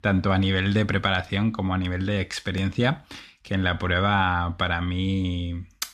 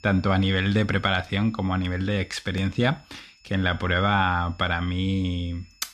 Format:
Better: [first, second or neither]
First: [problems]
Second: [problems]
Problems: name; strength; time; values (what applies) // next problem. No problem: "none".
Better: first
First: none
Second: high-pitched whine; faint; throughout; 5.5 kHz, 30 dB below the speech